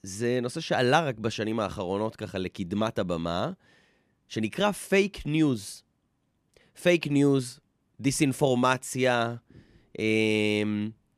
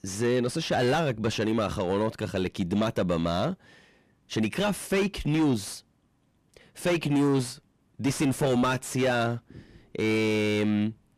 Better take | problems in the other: first | distortion; heavy; 7 dB below the speech

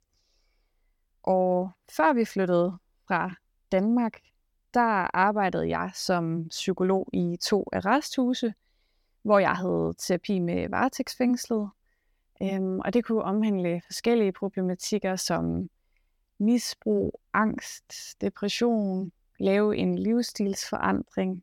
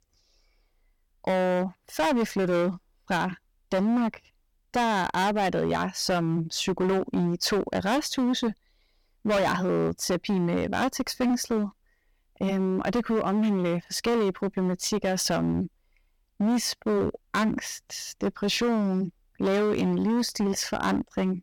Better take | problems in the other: first | distortion; heavy; 16% of the sound clipped

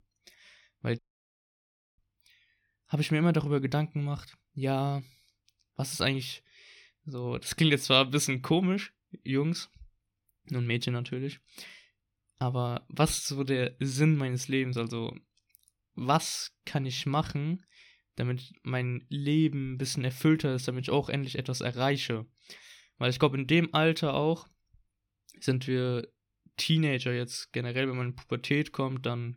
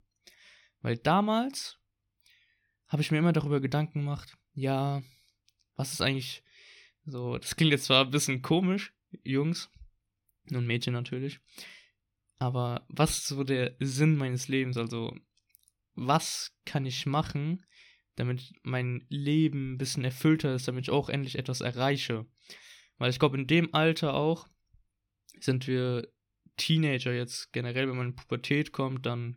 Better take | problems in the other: second | audio cutting out; at 1 s for 1 s

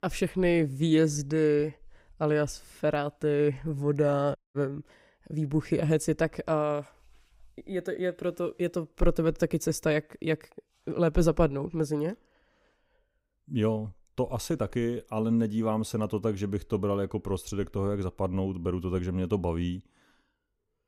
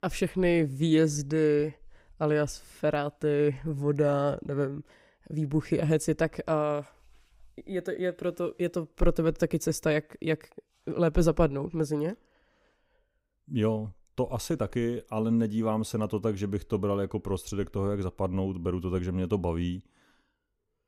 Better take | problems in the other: second | audio cutting out; at 4.5 s

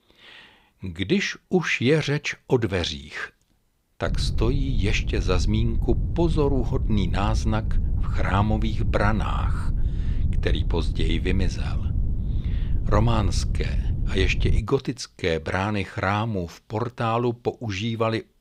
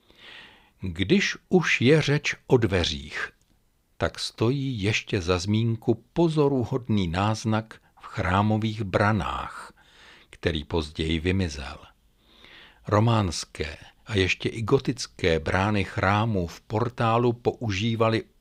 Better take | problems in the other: second | wind noise on the microphone; occasional gusts; from 4 to 15 s; 15 dB below the speech

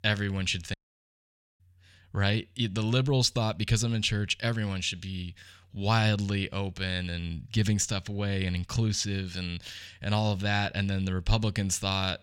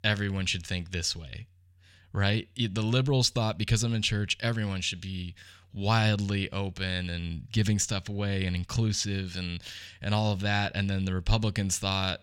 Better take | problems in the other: second | audio cutting out; at 0.5 s for 1 s

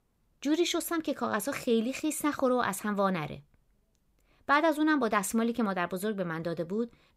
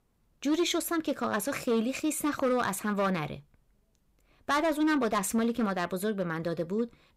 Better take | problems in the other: first | distortion; slight; 5% of the sound clipped

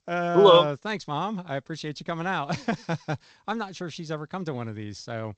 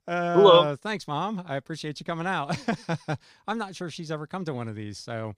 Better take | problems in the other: second | garbled, watery; slightly

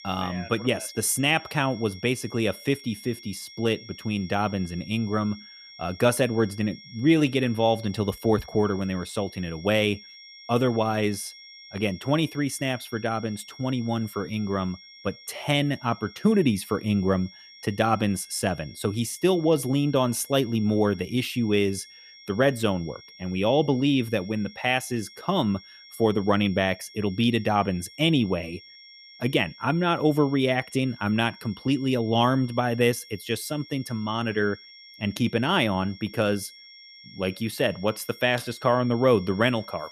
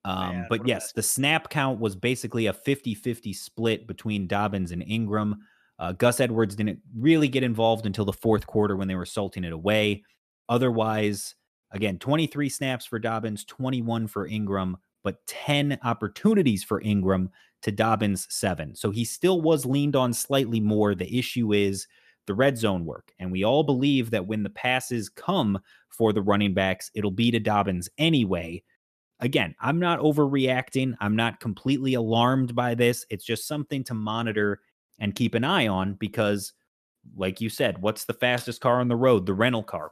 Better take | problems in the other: second | high-pitched whine; noticeable; throughout; 5.5 kHz, 20 dB below the speech

